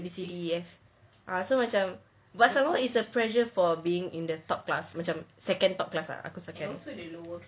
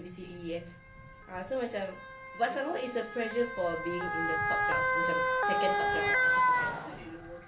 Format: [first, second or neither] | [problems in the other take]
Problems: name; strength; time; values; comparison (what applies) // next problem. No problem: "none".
first | background sound (Motor vehicle (road) / Siren); 4 dB above the speech // room echo; dies away in 0.3 s